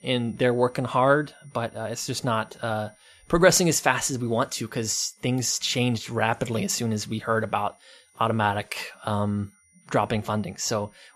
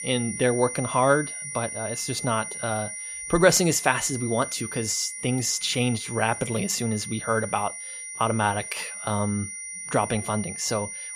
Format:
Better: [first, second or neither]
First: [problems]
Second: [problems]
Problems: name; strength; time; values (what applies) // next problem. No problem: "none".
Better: first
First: high-pitched whine; faint; throughout; 9.5 kHz, 35 dB below the speech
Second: high-pitched whine; loud; throughout; 9.5 kHz, 7 dB below the speech